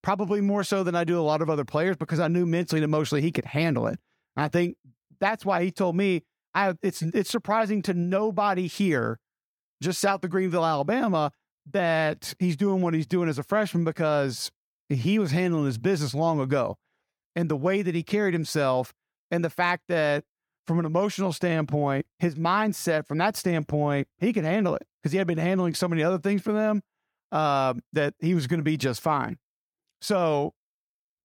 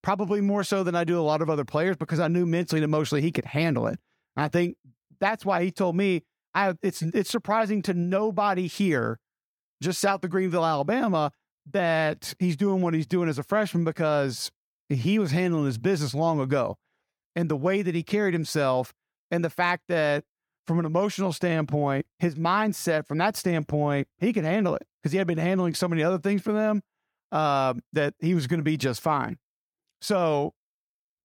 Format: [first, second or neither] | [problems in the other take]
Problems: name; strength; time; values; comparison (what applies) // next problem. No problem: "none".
neither | none